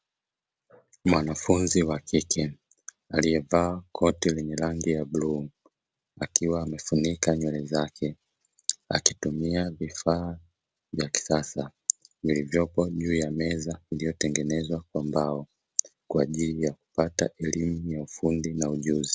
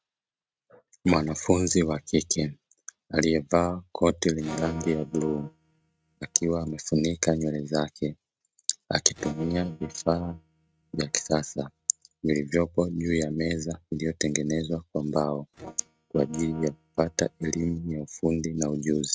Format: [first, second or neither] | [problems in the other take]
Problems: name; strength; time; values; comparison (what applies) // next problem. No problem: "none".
first | noise reduction (neural mask model RNNoise)